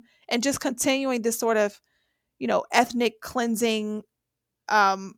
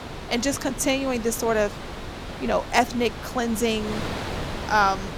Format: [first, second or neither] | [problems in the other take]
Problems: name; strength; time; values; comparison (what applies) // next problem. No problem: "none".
first | wind noise on the microphone; occasional gusts; 10 dB below the speech